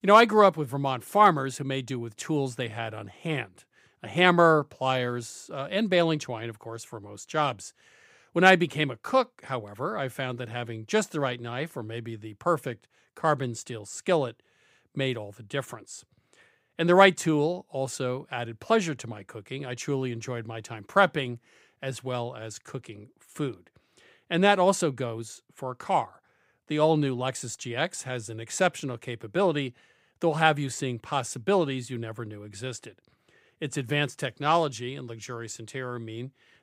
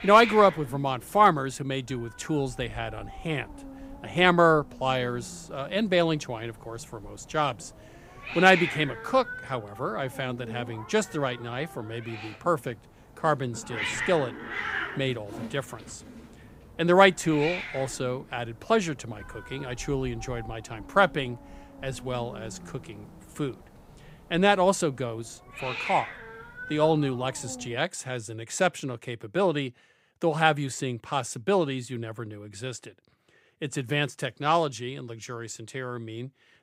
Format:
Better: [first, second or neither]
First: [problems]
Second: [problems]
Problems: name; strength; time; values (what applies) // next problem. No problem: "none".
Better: first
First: none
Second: hiss; noticeable; until 28 s; 10 dB below the speech